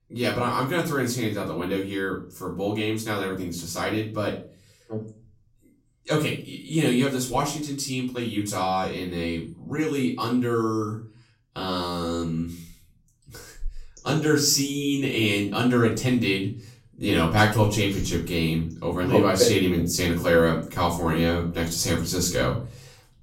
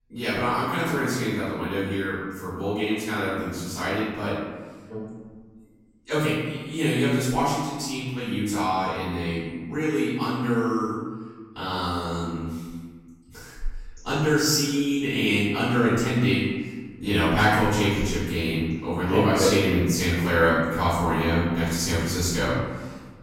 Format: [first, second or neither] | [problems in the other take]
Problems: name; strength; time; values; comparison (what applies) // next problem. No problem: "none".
first | room echo; strong; dies away in 1.3 s; slight in the first // off-mic speech; far; far in the first